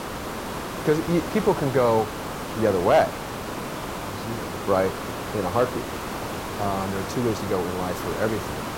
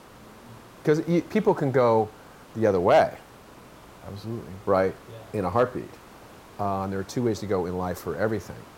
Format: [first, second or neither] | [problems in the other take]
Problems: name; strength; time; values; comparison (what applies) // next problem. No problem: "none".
second | hiss; loud; throughout; 6 dB below the speech; faint in the second